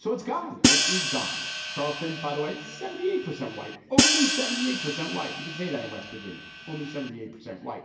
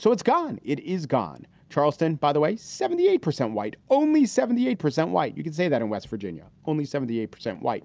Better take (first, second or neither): second